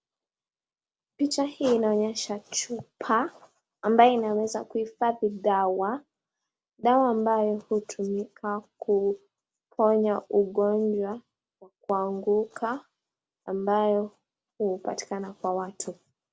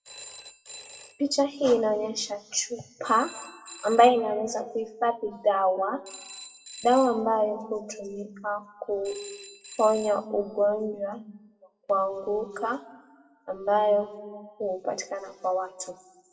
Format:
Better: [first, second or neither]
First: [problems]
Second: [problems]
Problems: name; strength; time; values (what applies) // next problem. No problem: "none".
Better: first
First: none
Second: noise reduction (classical method WPE with log-MMSE)